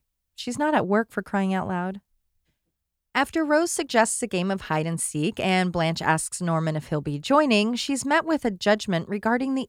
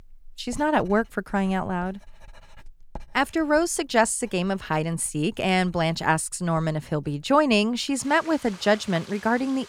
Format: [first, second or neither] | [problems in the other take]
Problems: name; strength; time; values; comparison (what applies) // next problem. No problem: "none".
first | household noises; faint; throughout; 25 dB below the speech